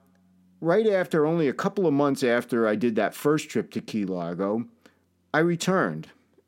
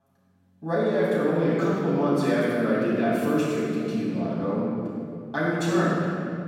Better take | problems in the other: first | off-mic speech; far // room echo; strong; dies away in 3 s

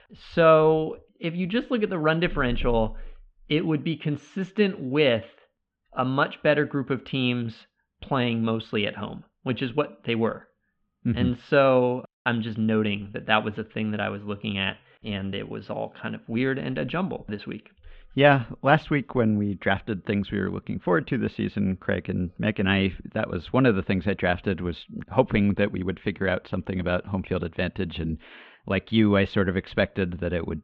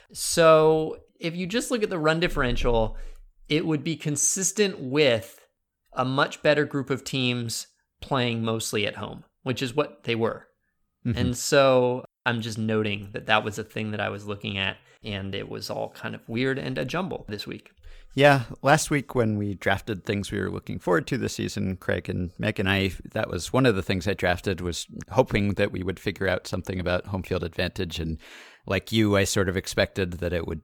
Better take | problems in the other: second | muffled; very; fading above 3.5 kHz

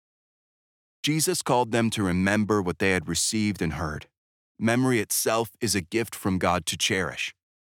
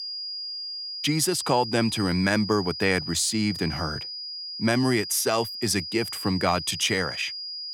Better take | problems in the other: first | high-pitched whine; loud; throughout; 5 kHz, 7 dB below the speech

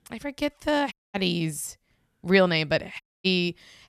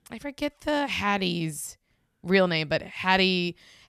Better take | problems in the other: second | audio cutting out; at 1 s and at 3 s

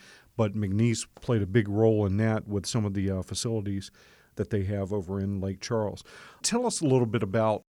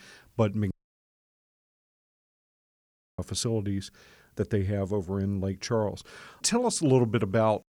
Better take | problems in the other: first | audio cutting out; at 0.5 s for 2.5 s

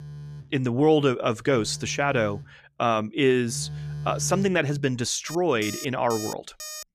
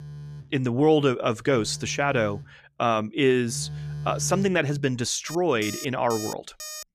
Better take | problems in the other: neither | alarms or sirens; noticeable; throughout; 10 dB below the speech; the same in both

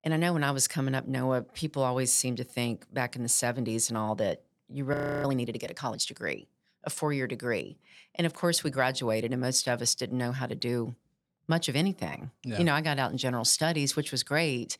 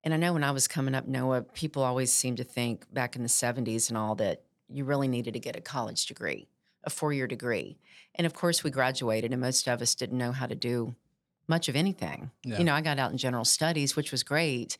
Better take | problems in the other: second | audio freezing; at 5 s

